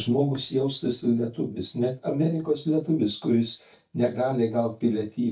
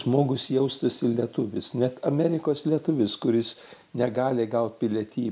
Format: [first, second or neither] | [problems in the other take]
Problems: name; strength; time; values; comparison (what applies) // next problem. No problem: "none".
second | noise reduction (neural mask model DeepFilterNet 3)